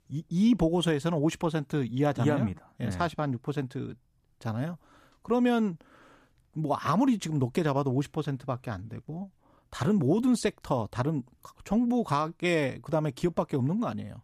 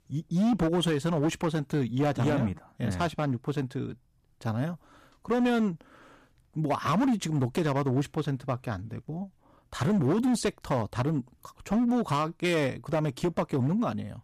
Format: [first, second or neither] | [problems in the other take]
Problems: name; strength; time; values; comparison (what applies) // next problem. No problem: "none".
first | distortion; slight; 9% of the sound clipped